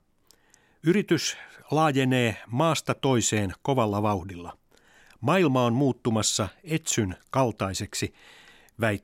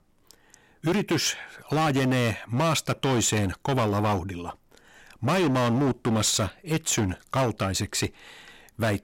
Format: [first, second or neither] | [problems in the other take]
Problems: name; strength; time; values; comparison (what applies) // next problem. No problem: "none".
first | distortion; heavy; 15% of the sound clipped